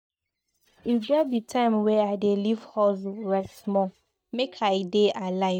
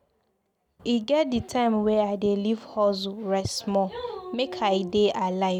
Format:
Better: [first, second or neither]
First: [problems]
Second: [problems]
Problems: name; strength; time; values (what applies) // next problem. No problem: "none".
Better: second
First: noise reduction (neural mask model DeepFilterNet 3)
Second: none